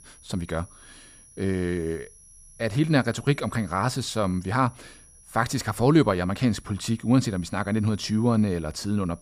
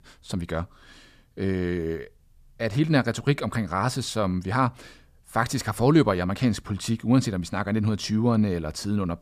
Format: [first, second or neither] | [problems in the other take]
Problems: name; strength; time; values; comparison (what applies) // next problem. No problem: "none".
second | high-pitched whine; faint; throughout; 10.5 kHz, 25 dB below the speech